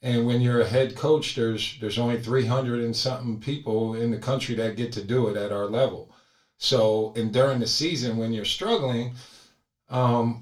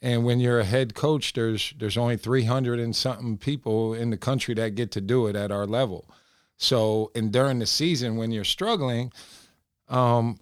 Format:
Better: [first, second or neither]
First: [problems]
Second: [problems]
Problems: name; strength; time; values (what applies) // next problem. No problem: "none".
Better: second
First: room echo; slight; dies away in 0.2 s // off-mic speech; far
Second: none